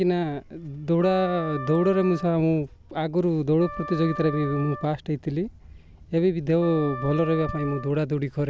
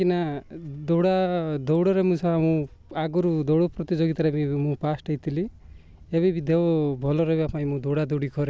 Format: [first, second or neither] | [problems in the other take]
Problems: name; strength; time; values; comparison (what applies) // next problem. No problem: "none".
second | background sound (Wind instrument, woodwind instrument); 14 dB below the speech